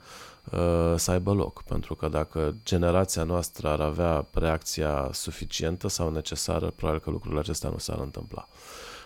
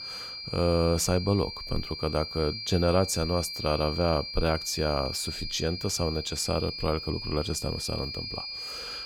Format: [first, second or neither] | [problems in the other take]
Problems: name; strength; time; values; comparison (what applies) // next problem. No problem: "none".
first | high-pitched whine; loud; throughout; 4.5 kHz, 6 dB below the speech; faint in the first